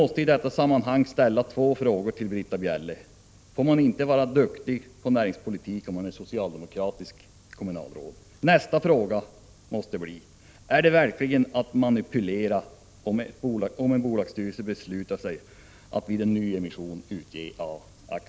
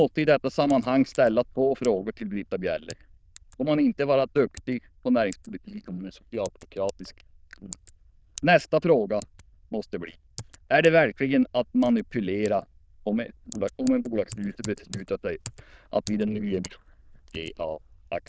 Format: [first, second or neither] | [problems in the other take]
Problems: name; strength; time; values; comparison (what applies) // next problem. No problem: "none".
first | noise reduction (neural diffusion model UNIVERSE++)